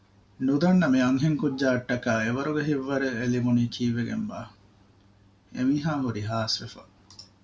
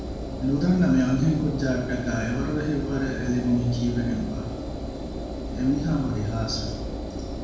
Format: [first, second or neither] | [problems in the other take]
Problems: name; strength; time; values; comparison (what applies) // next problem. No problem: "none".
first | background sound (Engine); 6 dB below the speech // room echo; dies away in 0.9 s